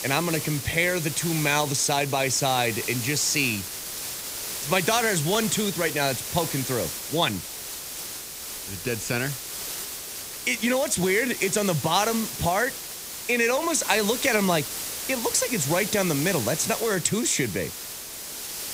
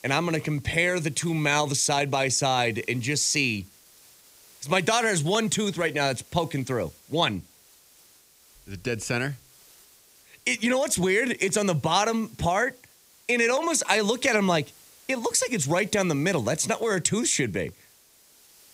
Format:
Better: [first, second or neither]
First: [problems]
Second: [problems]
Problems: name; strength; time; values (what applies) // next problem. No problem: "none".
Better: second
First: hiss; loud; throughout; 7 dB below the speech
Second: hiss; faint; throughout; 25 dB below the speech